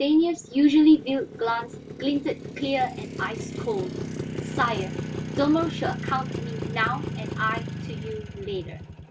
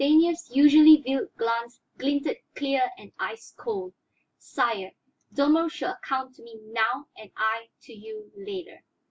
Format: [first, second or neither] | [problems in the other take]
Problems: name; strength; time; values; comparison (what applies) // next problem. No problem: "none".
second | background sound (Motorcycle); 8 dB below the speech